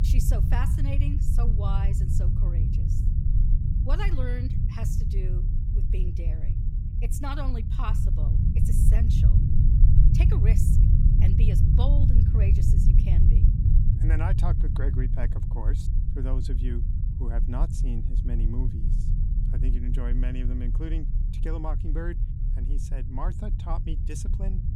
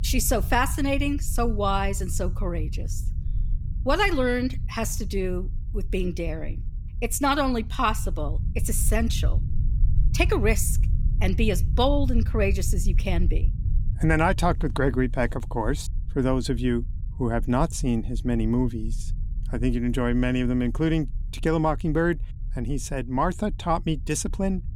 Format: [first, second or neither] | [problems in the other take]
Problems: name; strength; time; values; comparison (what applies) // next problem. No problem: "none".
second | low rumble; loud; throughout; 1 dB below the speech; faint in the second